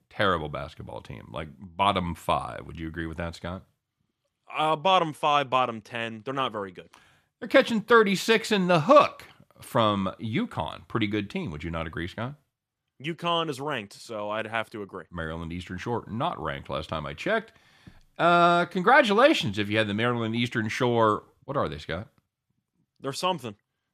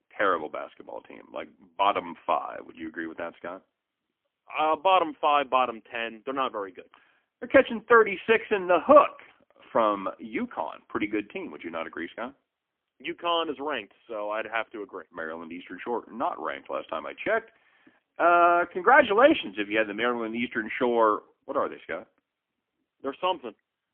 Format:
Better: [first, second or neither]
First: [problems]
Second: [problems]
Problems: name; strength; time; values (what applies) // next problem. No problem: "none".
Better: first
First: none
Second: phone-call audio; poor line; nothing above 3.5 kHz